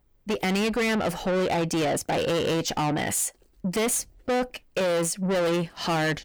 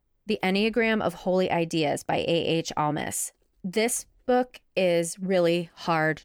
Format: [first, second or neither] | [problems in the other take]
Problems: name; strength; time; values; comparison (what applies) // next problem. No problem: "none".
second | distortion; heavy; 7 dB below the speech